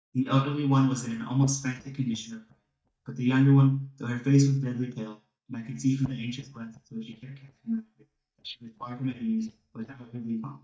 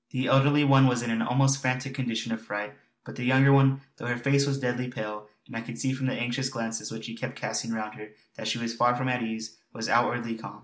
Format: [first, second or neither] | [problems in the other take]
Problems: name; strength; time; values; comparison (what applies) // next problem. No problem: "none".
second | noise reduction (neural mask model DeepFilterNet 3)